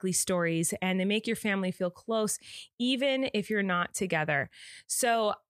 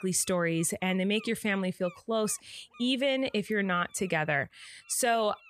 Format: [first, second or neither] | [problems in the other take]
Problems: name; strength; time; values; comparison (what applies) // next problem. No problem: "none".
first | animal sounds; faint; throughout; 25 dB below the speech